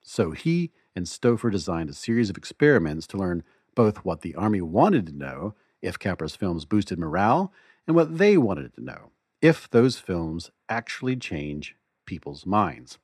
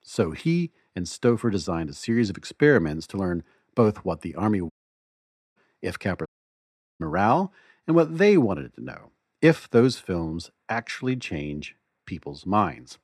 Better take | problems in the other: first | audio cutting out; at 4.5 s for 1 s and at 6.5 s for 0.5 s

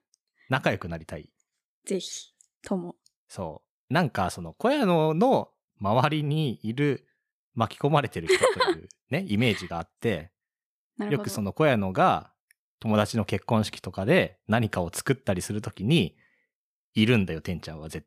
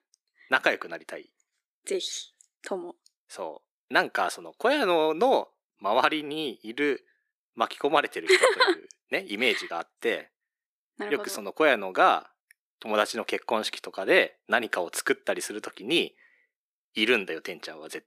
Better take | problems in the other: first | thin; somewhat; fading below 350 Hz

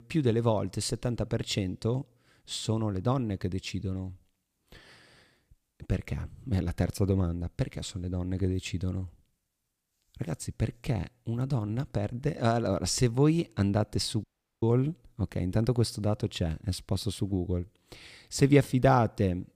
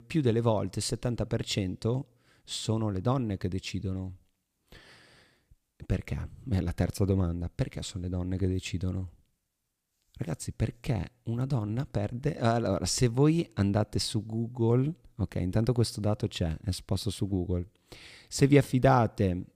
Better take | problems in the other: second | audio cutting out; at 14 s

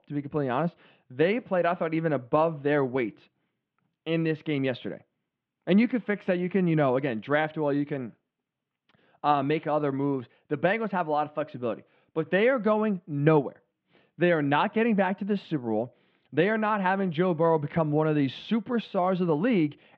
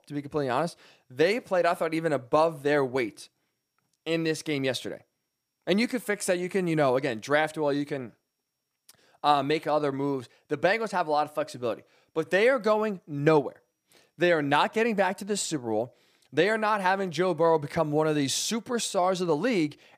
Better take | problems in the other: second | muffled; very; fading above 3 kHz

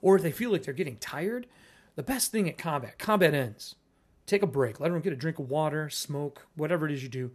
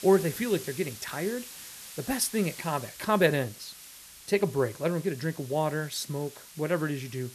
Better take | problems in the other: first | hiss; noticeable; throughout; 15 dB below the speech

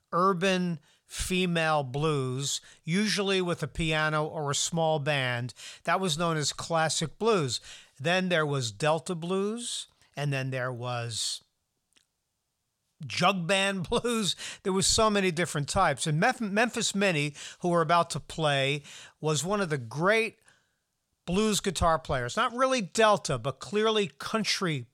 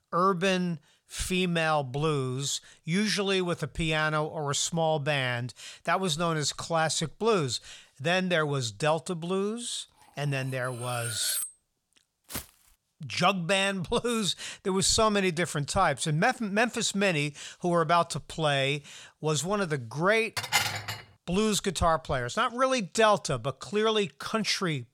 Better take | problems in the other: first | clattering dishes; noticeable; from 11 to 12 s; peak 2 dB below the speech // footsteps; faint; at 12 s; peak 10 dB below the speech // clattering dishes; loud; at 20 s; peak 1 dB above the speech

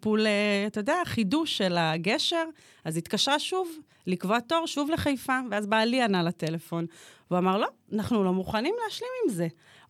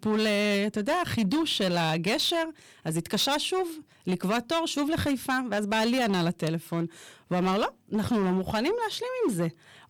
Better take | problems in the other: first | distortion; slight; 13% of the sound clipped

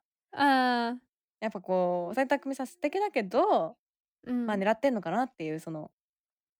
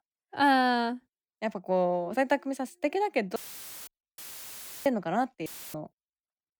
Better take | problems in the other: first | audio cutting out; filled with static; at 3.5 s for 0.5 s, at 4 s for 0.5 s and at 5.5 s

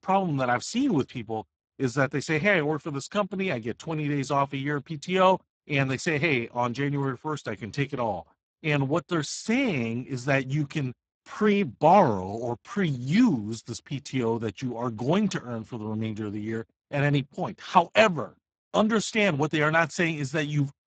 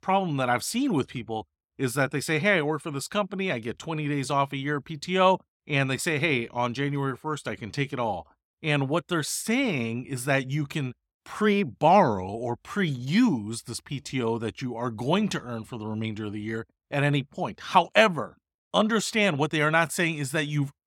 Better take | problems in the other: second | garbled, watery; badly; nothing above 8 kHz

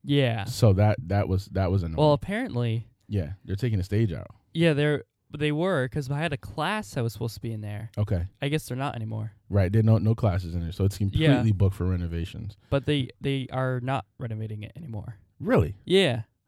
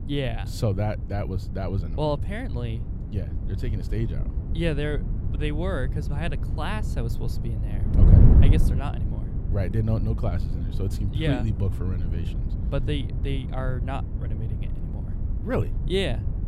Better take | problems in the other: first | wind noise on the microphone; heavy; 7 dB below the speech

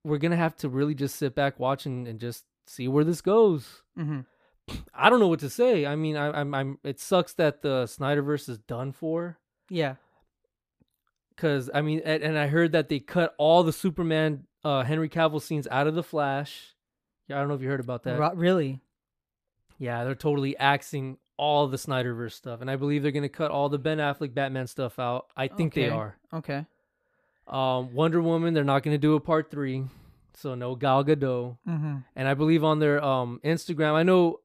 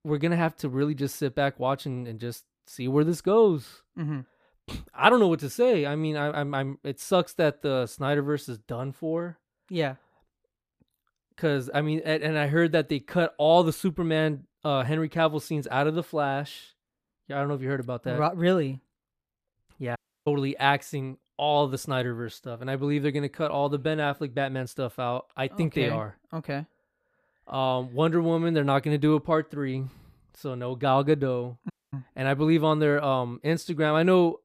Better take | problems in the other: first | audio cutting out; at 20 s and at 32 s

